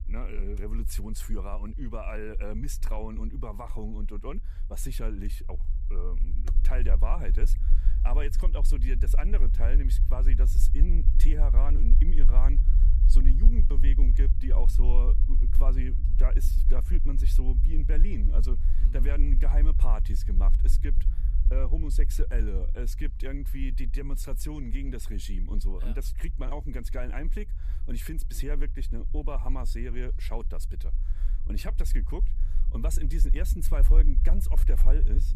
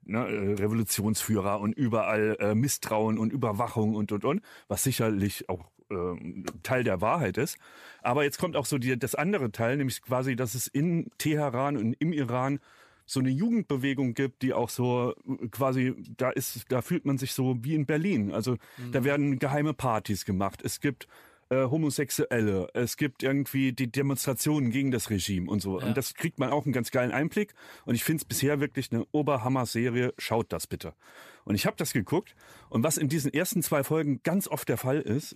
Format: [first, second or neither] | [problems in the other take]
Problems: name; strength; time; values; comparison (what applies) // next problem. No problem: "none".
second | low rumble; loud; throughout; 10 dB below the speech